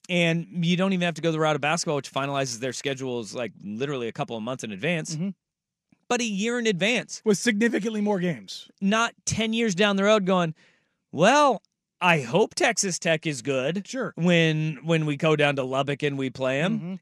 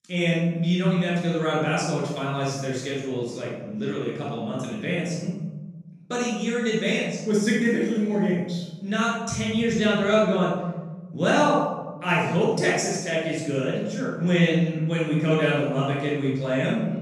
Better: first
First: none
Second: off-mic speech; far // room echo; strong; dies away in 1.3 s

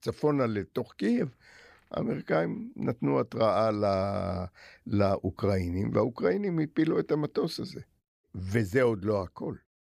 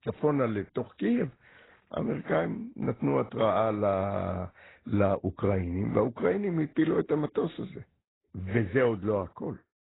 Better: first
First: none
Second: garbled, watery; badly; nothing above 4 kHz

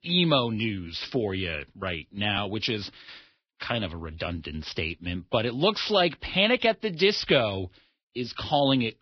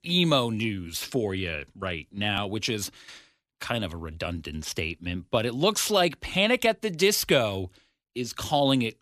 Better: second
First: garbled, watery; badly; nothing above 5.5 kHz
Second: none

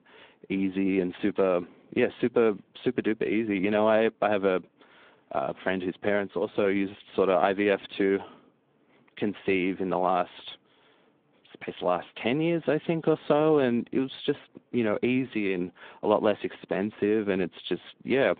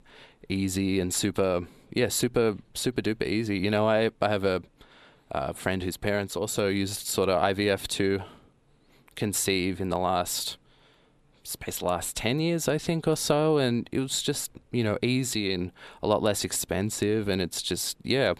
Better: second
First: phone-call audio; nothing above 3.5 kHz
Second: none

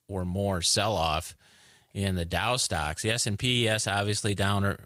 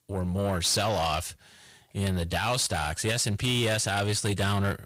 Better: first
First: none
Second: distortion; slight; 10 dB below the speech

